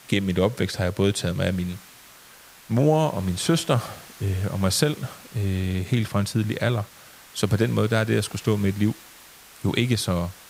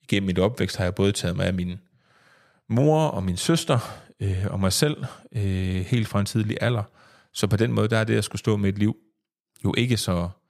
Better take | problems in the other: second | hiss; faint; throughout; 20 dB below the speech

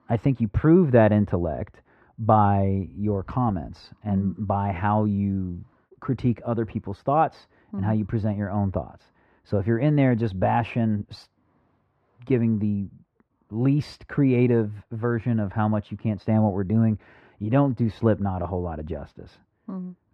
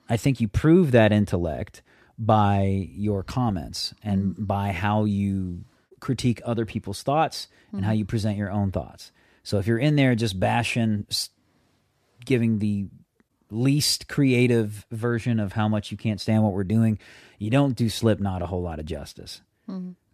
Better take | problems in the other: second | muffled; very; fading above 3.5 kHz

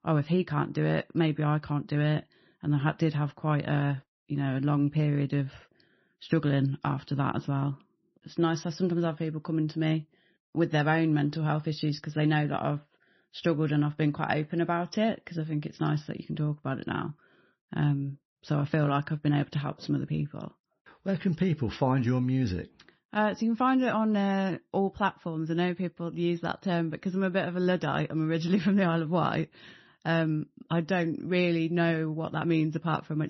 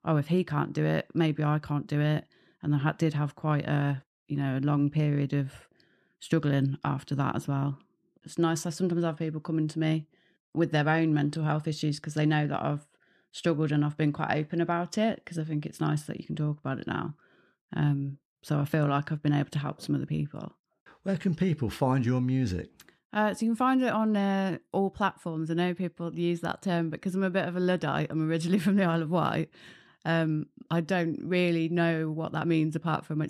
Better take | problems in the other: second | garbled, watery; slightly; nothing above 6 kHz

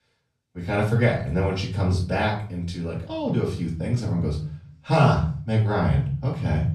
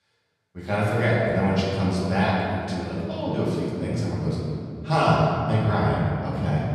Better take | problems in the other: first | room echo; strong; dies away in 2.4 s; slight in the first // off-mic speech; far; far in the first

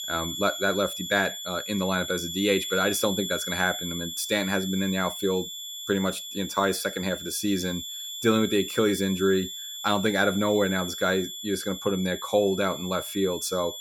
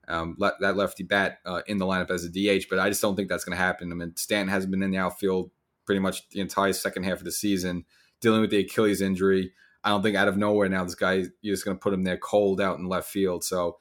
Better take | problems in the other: second | high-pitched whine; loud; throughout; 3.5 kHz, 7 dB below the speech

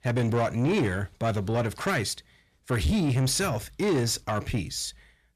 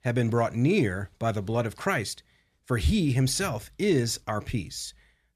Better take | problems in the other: second | distortion; slight; 10 dB below the speech

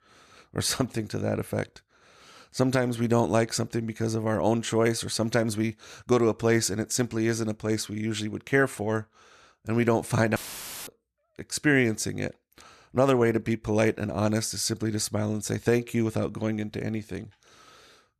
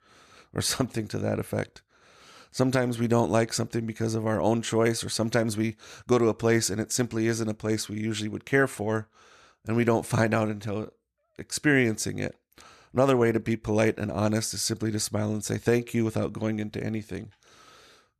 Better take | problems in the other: second | audio cutting out; filled with static; at 10 s for 0.5 s

